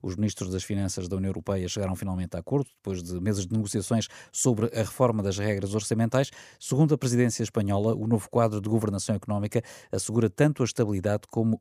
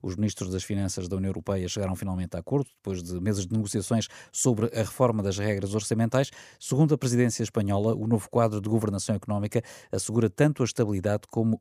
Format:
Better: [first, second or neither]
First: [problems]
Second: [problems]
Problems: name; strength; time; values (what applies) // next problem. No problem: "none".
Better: neither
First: none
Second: none